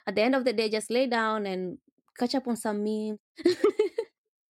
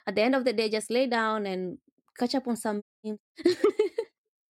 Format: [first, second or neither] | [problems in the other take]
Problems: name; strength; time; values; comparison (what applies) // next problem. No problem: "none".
first | audio cutting out; at 3 s